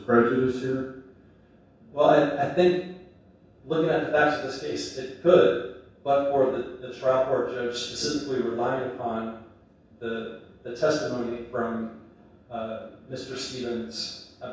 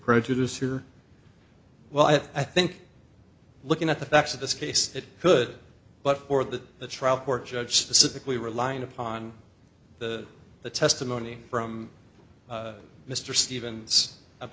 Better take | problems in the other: second | room echo; dies away in 0.7 s

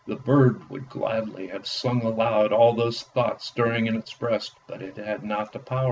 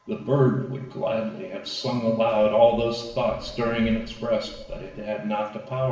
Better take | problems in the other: first | background sound (Fireworks); 18 dB below the speech // room echo; dies away in 0.9 s

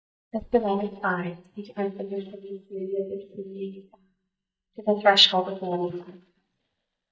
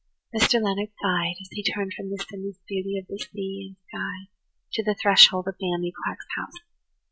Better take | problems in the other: second | noise reduction (neural mask model DeepFilterNet 3)

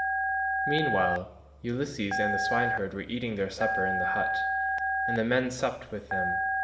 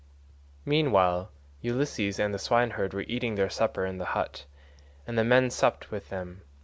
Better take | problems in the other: second | background sound (Telephone); 1 dB above the speech // room echo; dies away in 0.9 s

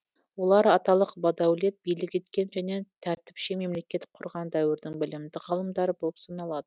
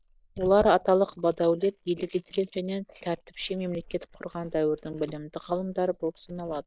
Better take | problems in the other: first | noise reduction (neural mask model Resemble Enhance denoiser)

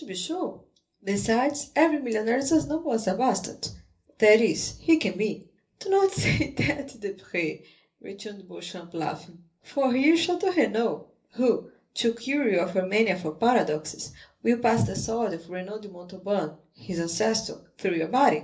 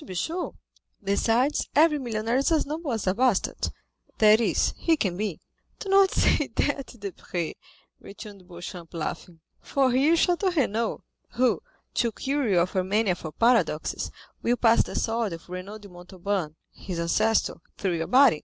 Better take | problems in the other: second | room echo; dies away in 0.3 s

